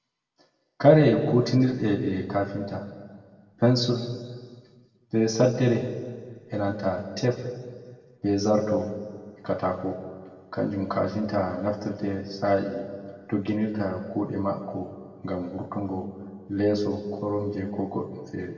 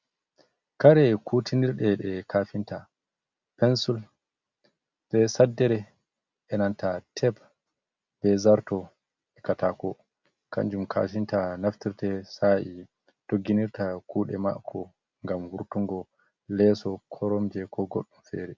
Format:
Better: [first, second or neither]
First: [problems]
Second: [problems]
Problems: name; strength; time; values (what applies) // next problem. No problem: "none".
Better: second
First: room echo; dies away in 1.6 s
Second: none